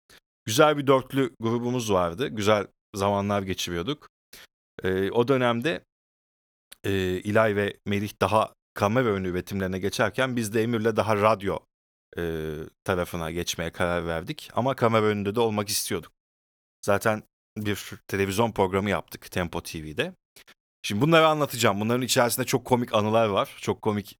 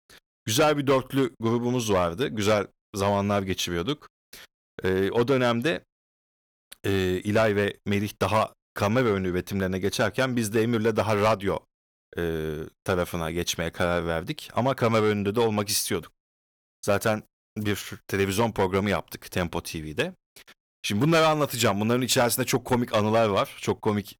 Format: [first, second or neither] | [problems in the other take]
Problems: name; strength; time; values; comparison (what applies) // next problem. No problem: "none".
first | distortion; slight; 4% of the sound clipped